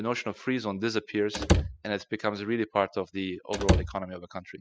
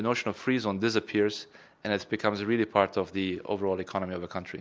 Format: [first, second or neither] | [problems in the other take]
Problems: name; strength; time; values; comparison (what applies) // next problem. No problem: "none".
second | noise reduction (classical method spectral subtraction)